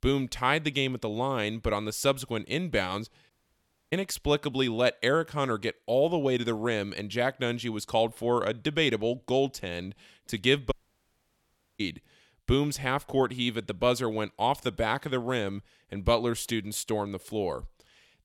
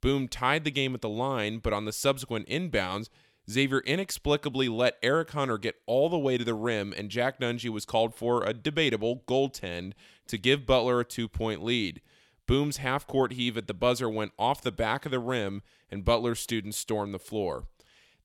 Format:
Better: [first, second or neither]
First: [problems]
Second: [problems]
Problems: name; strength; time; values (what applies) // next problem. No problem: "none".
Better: second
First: audio cutting out; at 3.5 s for 0.5 s and at 11 s for 1 s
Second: none